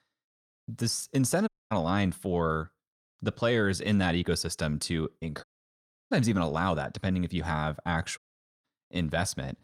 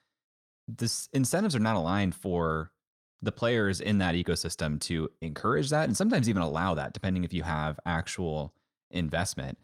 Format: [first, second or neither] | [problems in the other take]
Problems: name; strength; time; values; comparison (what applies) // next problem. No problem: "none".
second | audio cutting out; at 1.5 s, at 5.5 s for 0.5 s and at 8 s